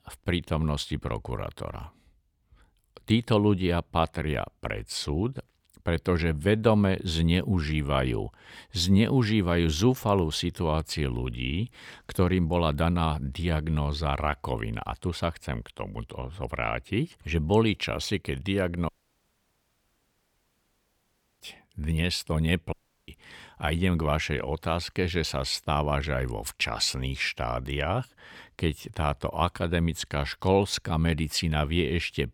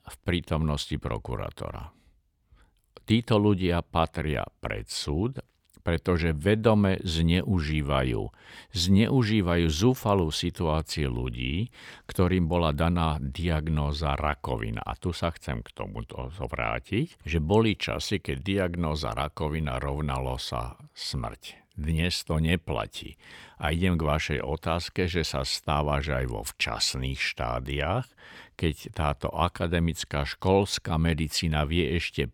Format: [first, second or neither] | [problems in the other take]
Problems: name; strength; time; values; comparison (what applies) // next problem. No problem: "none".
second | audio cutting out; at 19 s for 2.5 s and at 23 s